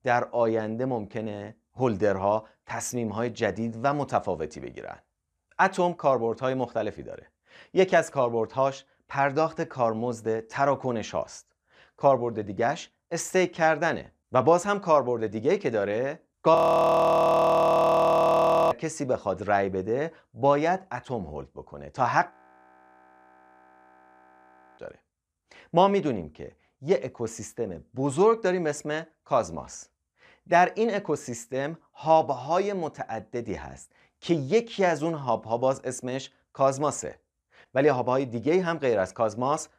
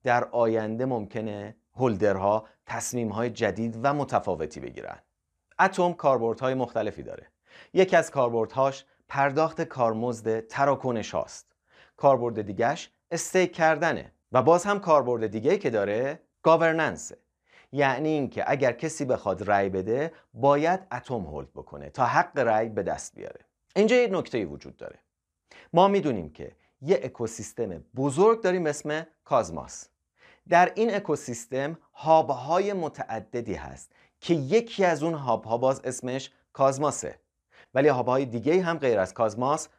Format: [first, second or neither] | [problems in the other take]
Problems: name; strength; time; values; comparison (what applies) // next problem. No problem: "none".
second | audio freezing; at 17 s for 2 s and at 22 s for 2.5 s